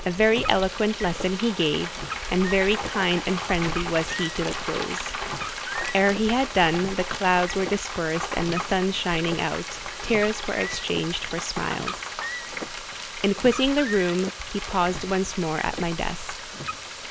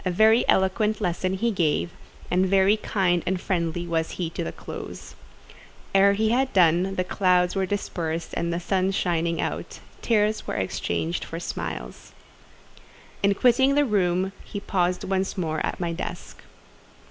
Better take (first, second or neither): second